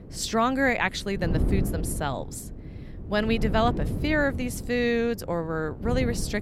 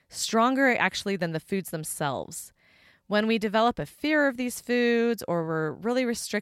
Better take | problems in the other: second | wind noise on the microphone; occasional gusts; 15 dB below the speech

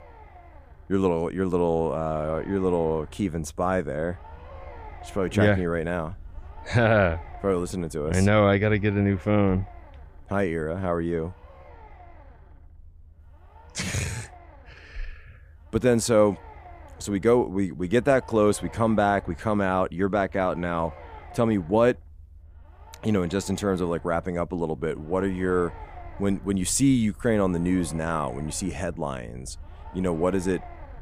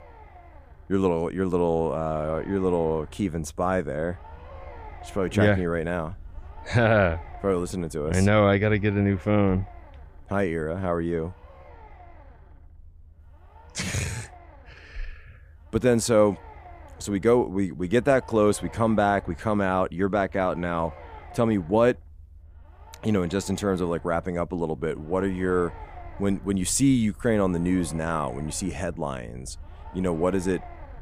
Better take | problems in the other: neither | low rumble; faint; throughout; 20 dB below the speech; the same in both

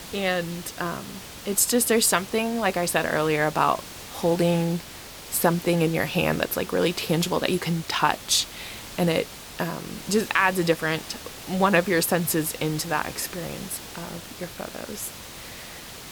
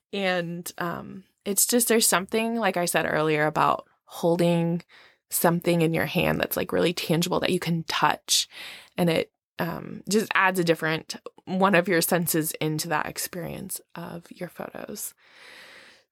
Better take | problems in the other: second | hiss; noticeable; throughout; 15 dB below the speech

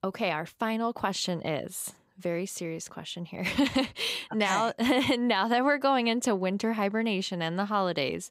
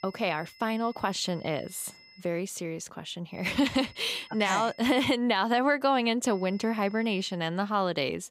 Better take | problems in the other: first | high-pitched whine; faint; until 2 s, from 3.5 to 5 s and from 6.5 to 7.5 s; 2 kHz, 25 dB below the speech

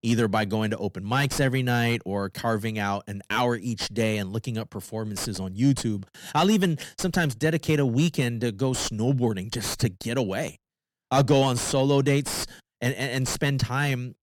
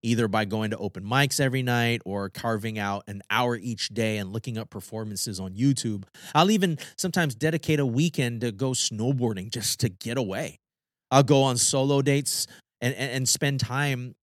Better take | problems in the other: second | distortion; slight; 8 dB below the speech

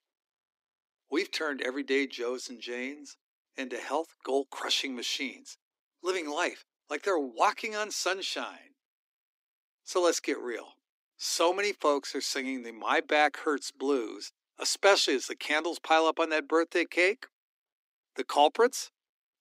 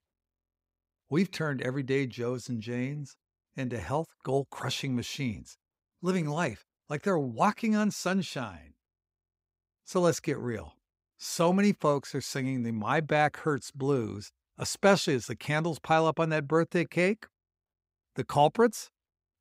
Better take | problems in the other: second | thin; somewhat; fading below 250 Hz

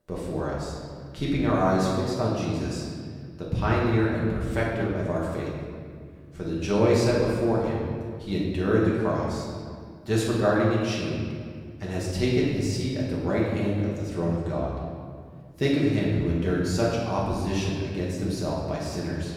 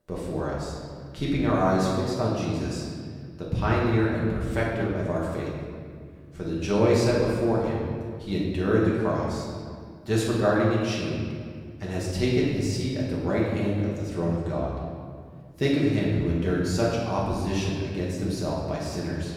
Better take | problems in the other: neither | room echo; noticeable; dies away in 1.8 s; the same in both // off-mic speech; far; the same in both

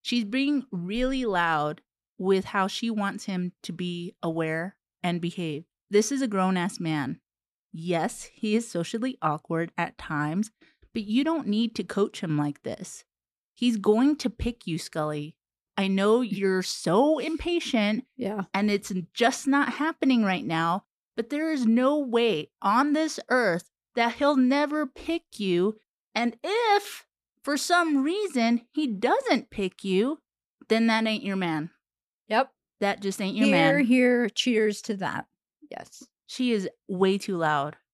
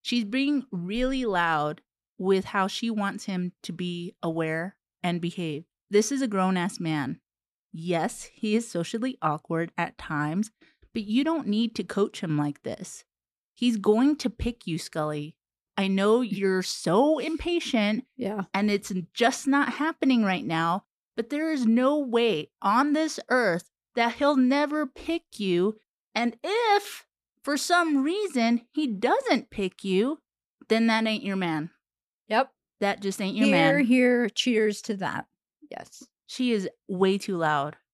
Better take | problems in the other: neither | none

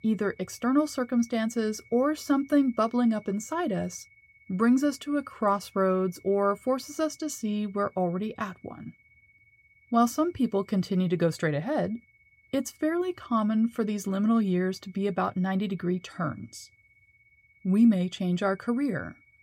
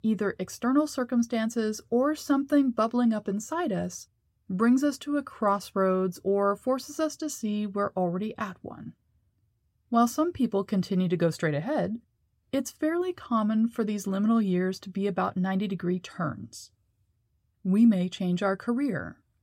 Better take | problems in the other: second | high-pitched whine; faint; throughout; 2 kHz, 30 dB below the speech

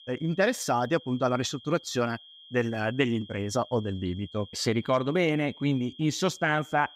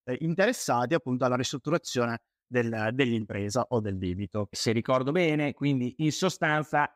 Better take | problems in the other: second | high-pitched whine; faint; throughout; 3 kHz, 20 dB below the speech

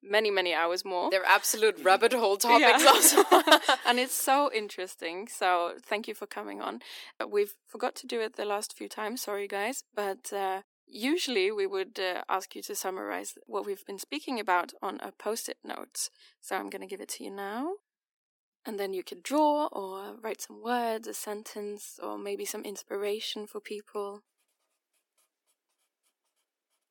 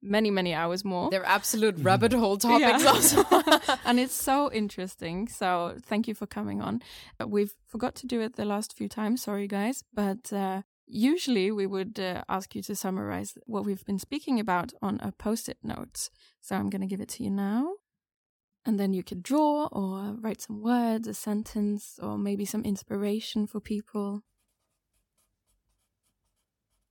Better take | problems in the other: second | thin; somewhat; fading below 300 Hz

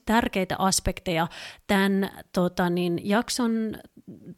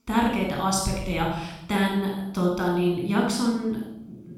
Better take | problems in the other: first | off-mic speech; somewhat distant // room echo; noticeable; dies away in 0.8 s

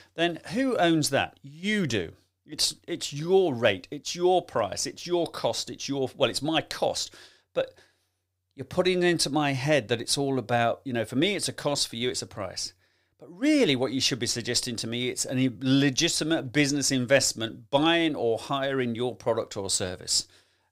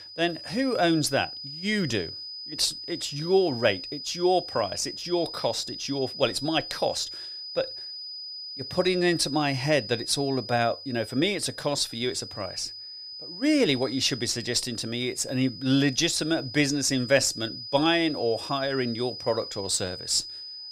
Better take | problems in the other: first | high-pitched whine; loud; throughout; 5 kHz, 10 dB below the speech

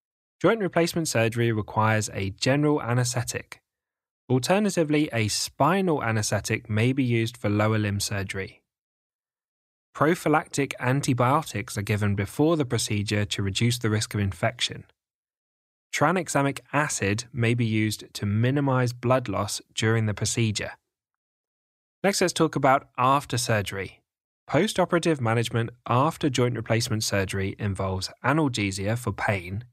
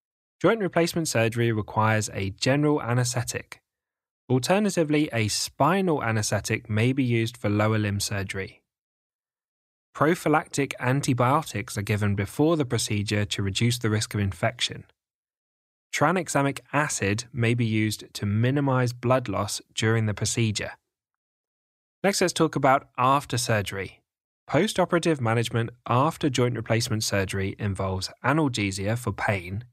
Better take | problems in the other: neither | none

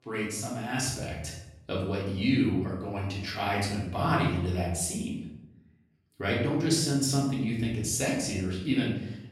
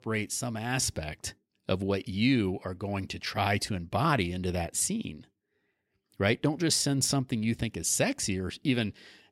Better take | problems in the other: second | off-mic speech; far // room echo; noticeable; dies away in 0.8 s

